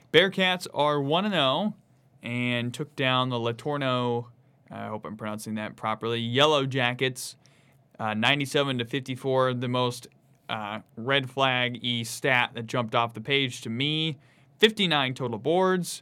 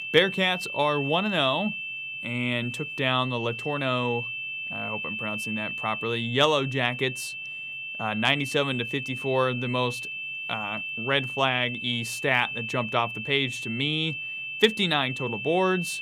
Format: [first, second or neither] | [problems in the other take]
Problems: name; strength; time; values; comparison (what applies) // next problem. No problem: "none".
first | high-pitched whine; loud; throughout; 2.5 kHz, 5 dB below the speech